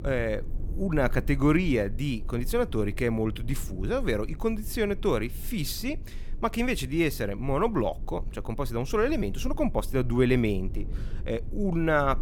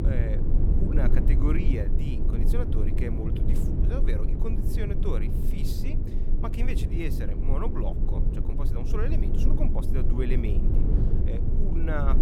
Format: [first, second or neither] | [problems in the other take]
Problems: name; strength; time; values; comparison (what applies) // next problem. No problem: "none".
first | low rumble; loud; throughout; 2 dB below the speech; faint in the first